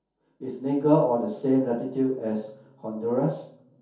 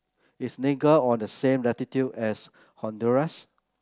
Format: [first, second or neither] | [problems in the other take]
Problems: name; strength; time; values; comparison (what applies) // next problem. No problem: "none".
second | room echo; dies away in 0.6 s